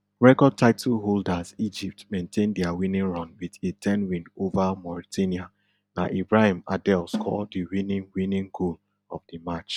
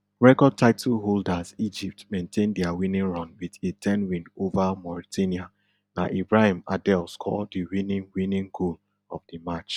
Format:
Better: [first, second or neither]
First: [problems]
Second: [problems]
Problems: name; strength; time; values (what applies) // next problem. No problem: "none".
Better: second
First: background sound (Snare drum); 8 dB below the speech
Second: none